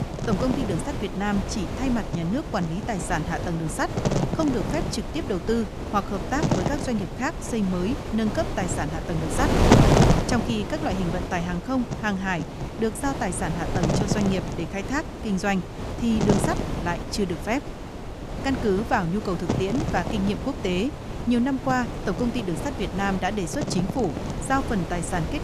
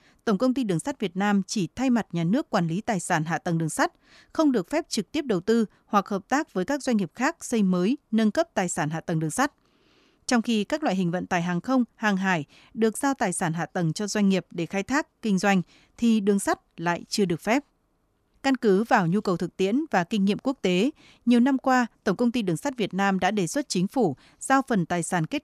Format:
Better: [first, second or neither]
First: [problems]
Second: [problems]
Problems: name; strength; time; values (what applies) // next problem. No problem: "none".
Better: second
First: wind noise on the microphone; heavy; 2 dB below the speech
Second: none